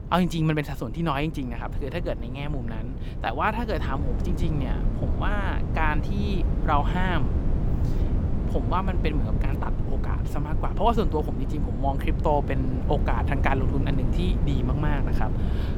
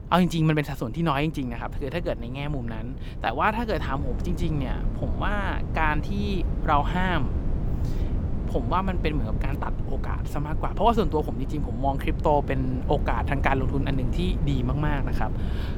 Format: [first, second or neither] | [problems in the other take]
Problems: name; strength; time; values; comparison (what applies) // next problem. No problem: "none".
second | wind noise on the microphone; heavy; 9 dB below the speech; occasional gusts in the second